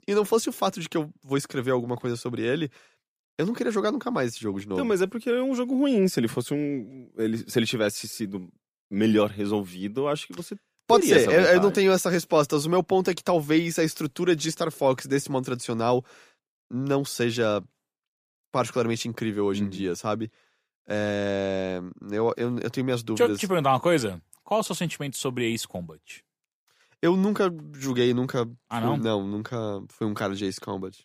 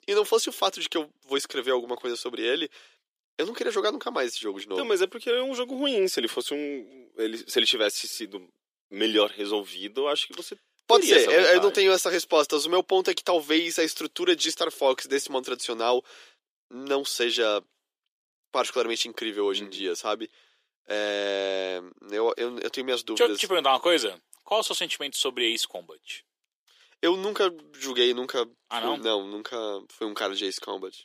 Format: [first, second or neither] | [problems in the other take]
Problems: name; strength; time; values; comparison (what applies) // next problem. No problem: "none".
first | thin; somewhat; fading below 350 Hz